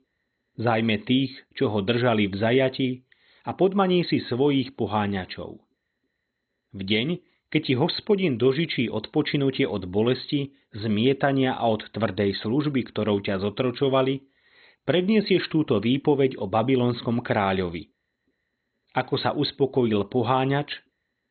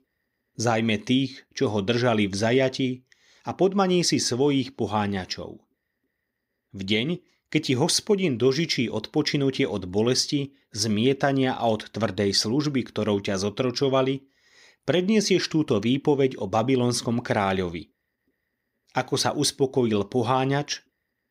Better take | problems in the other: second | garbled, watery; badly; nothing above 4 kHz

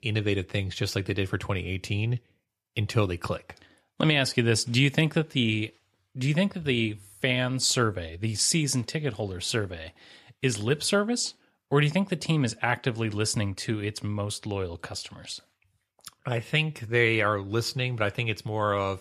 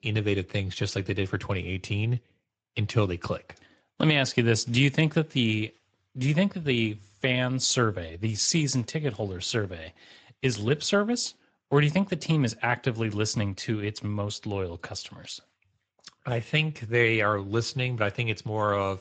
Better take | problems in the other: first | garbled, watery; slightly; nothing above 7.5 kHz

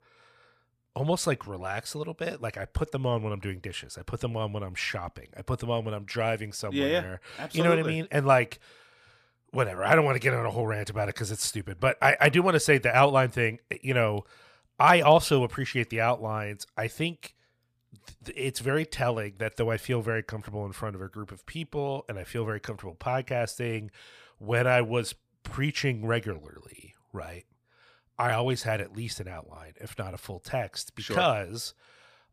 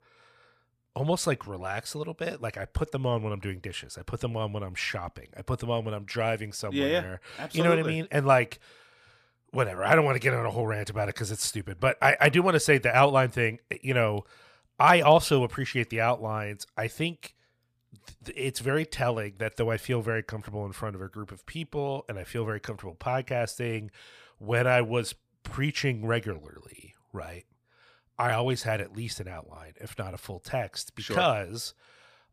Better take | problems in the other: neither | none

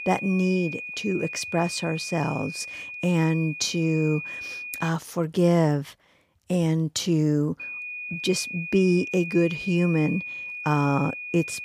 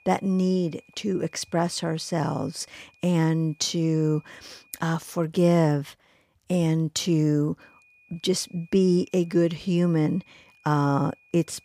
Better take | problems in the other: second | high-pitched whine; loud; until 5 s and from 7.5 s on; 2.5 kHz, 8 dB below the speech; faint in the second

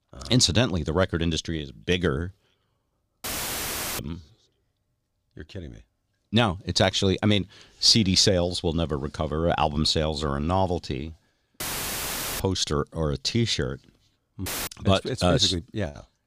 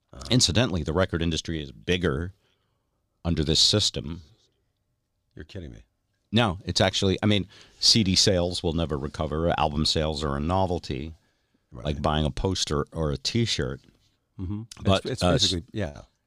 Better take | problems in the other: second | audio cutting out; filled with static; at 3 s for 1 s, at 12 s for 1 s and at 14 s

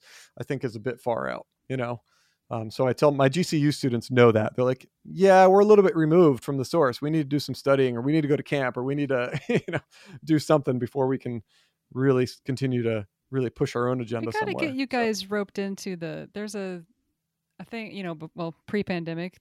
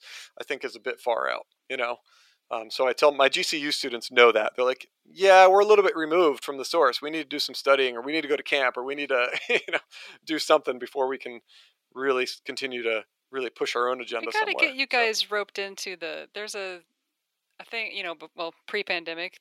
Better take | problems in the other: first | thin; very; fading below 450 Hz

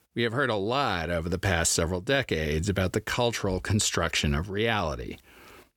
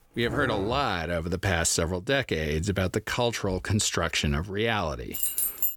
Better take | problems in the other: first | dog barking; noticeable; at the start; peak 7 dB below the speech // jangling keys; loud; at 5 s; peak 2 dB above the speech

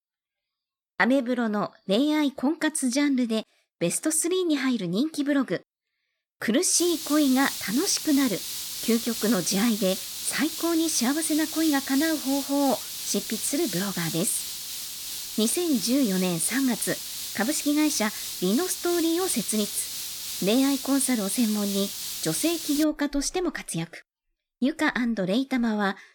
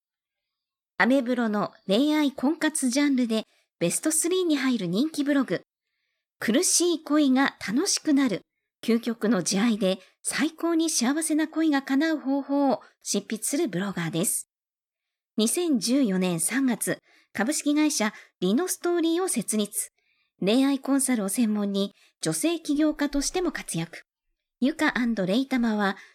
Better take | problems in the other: second | hiss; loud; from 7 to 23 s; 6 dB below the speech

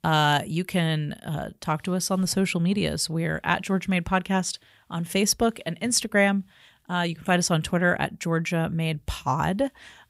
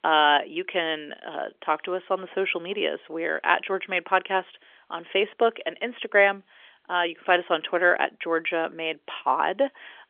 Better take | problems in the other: first | phone-call audio; nothing above 3.5 kHz

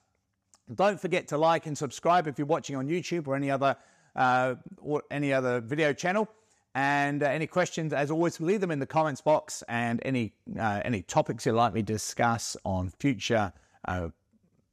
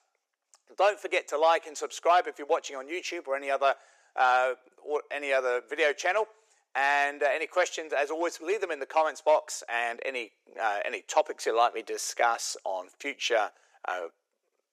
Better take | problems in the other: first | thin; very; fading below 400 Hz

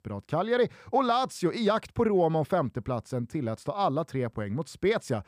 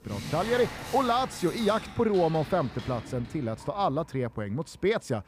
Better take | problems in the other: first | household noises; noticeable; throughout; 10 dB below the speech

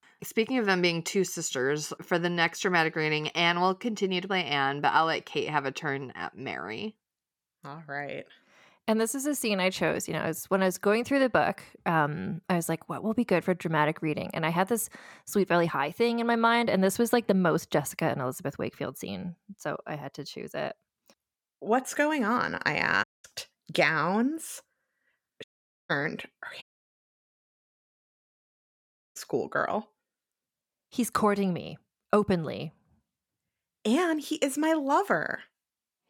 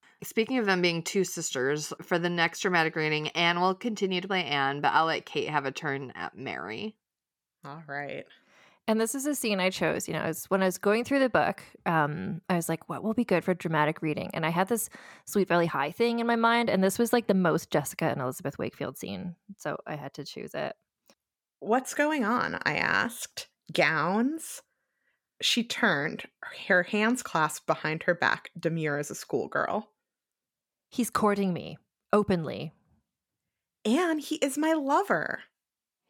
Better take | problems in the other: second | audio cutting out; at 23 s, at 25 s and at 27 s for 2.5 s

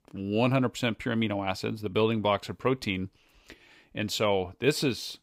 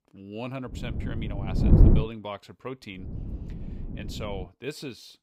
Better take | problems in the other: first | wind noise on the microphone; heavy; from 0.5 to 2 s and from 3 to 4.5 s; 2 dB above the speech

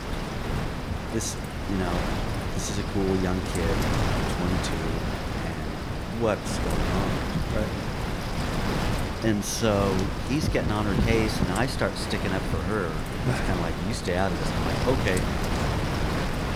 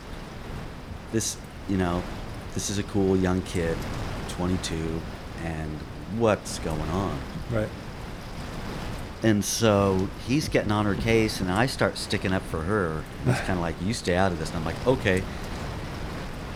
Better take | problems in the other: second | wind noise on the microphone; heavy; 1 dB below the speech; occasional gusts in the second

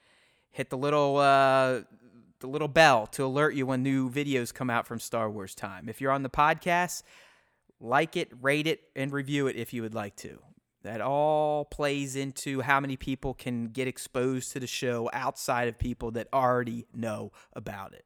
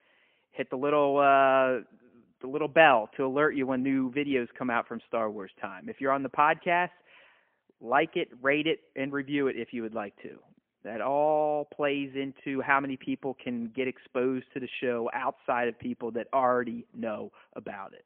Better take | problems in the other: first | phone-call audio; poor line; nothing above 3 kHz

